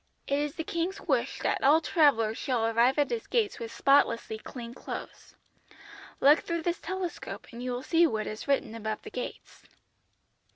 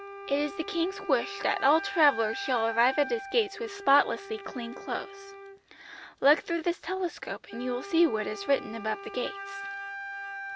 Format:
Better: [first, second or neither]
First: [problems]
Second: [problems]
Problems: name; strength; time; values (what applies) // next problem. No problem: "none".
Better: first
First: none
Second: background sound (Wind instrument, woodwind instrument); 12 dB below the speech